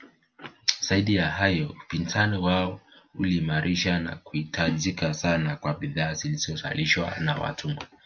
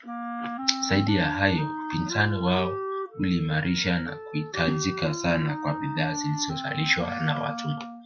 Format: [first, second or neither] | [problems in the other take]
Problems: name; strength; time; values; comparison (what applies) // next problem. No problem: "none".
first | noise reduction (classical method log-MMSE)